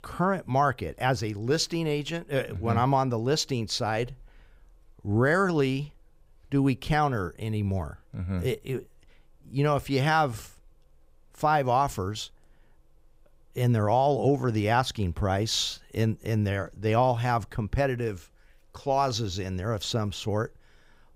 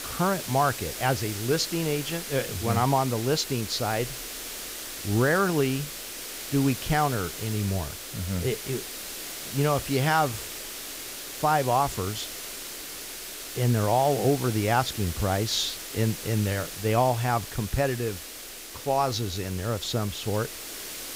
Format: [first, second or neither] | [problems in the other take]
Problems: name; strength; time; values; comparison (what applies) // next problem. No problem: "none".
first | hiss; loud; throughout; 8 dB below the speech